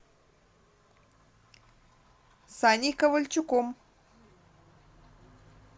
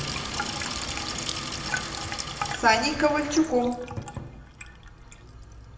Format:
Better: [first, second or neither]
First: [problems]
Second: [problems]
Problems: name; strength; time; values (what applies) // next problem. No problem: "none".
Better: first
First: none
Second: background sound (Sink (filling or washing)); 4 dB below the speech // room echo; dies away in 0.7 s